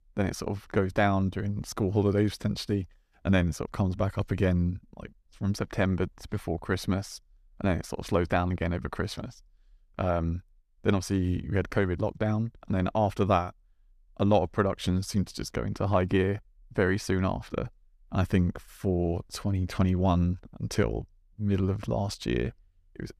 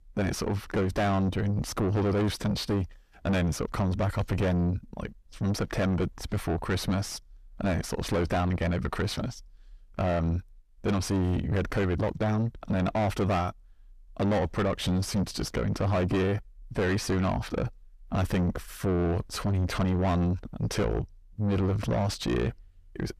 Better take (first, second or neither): first